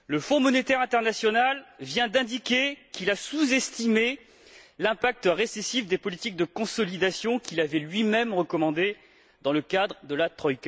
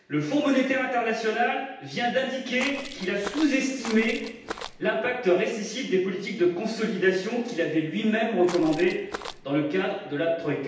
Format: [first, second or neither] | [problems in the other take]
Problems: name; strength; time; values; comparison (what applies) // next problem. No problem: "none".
first | background sound (Walk, footsteps); 12 dB below the speech // room echo; dies away in 0.9 s